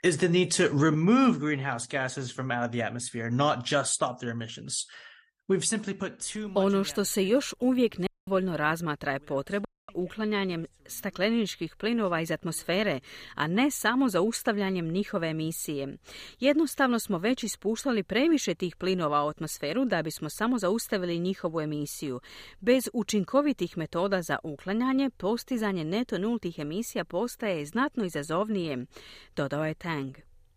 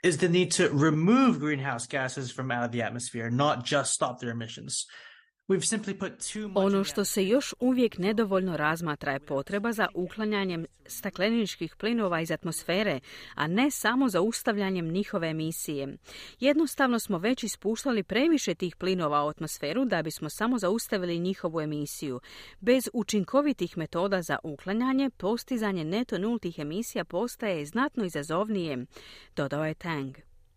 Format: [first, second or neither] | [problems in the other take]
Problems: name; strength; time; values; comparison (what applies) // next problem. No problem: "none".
second | audio cutting out; at 8 s and at 9.5 s